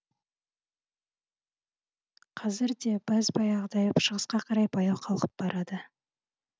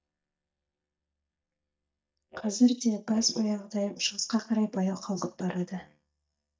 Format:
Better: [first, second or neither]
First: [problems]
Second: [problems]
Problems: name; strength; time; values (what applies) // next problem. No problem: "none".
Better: first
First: none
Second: noise reduction (neural mask model DeepFilterNet 3)